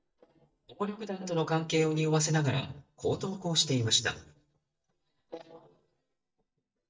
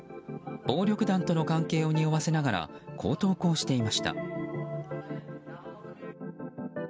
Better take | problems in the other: second | noise reduction (neural mask model DeepFilterNet 3)

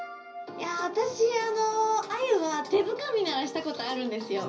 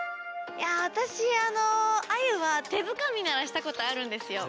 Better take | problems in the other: second | room echo; dies away in 0.5 s

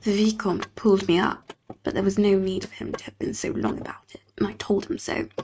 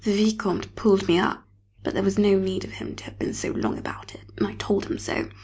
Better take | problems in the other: second | noise reduction (neural mask model RNNoise)

